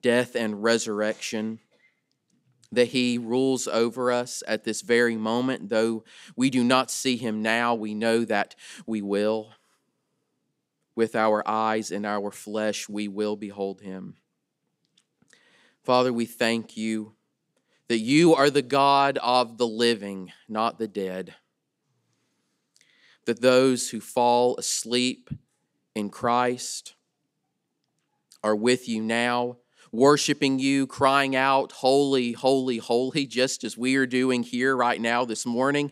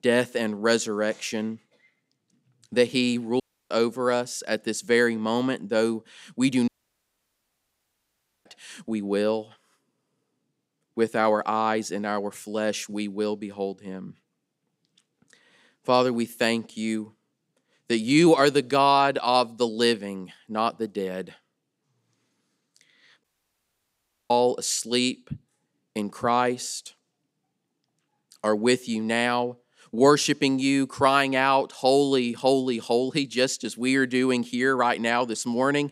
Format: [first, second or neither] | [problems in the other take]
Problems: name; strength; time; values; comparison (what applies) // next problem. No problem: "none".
first | audio cutting out; at 3.5 s, at 6.5 s for 2 s and at 23 s for 1 s